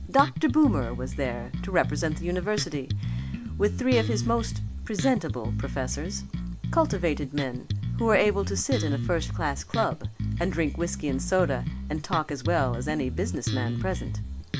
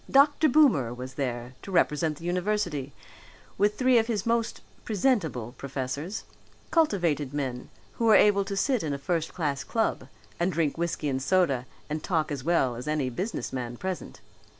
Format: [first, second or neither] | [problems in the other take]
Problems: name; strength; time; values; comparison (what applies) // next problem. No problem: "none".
second | background sound (Bass guitar); 3 dB below the speech